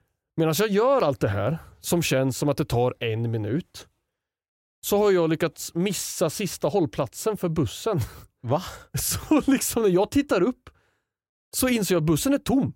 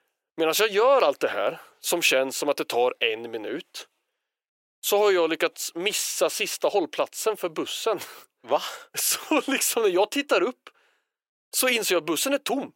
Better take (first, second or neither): first